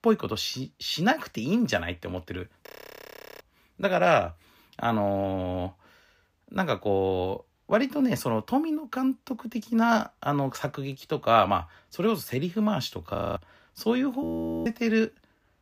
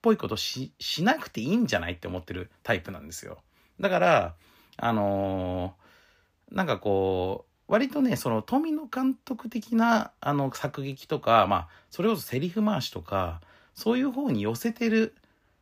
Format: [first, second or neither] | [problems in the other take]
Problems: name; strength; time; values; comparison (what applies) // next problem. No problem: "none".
second | audio freezing; at 2.5 s for 0.5 s, at 13 s and at 14 s